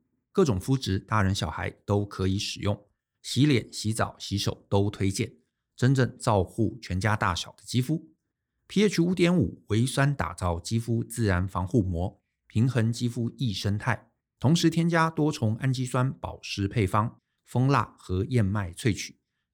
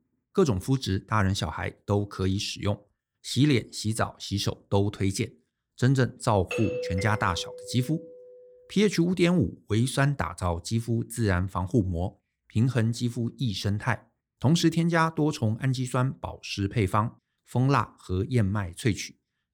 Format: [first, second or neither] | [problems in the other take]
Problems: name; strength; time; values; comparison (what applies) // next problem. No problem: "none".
first | doorbell; noticeable; from 6.5 to 8 s; peak 5 dB below the speech